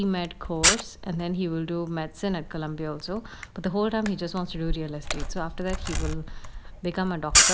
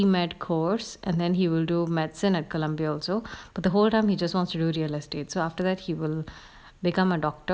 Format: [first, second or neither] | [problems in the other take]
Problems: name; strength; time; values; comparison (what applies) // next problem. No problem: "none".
second | background sound (Camera); 1 dB above the speech